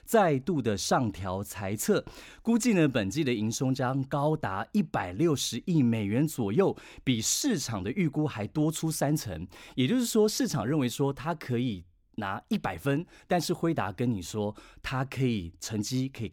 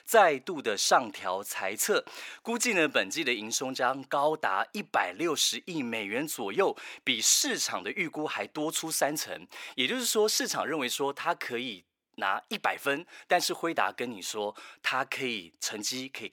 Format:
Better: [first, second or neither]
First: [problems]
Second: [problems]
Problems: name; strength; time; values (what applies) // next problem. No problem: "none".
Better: first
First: none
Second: thin; very; fading below 550 Hz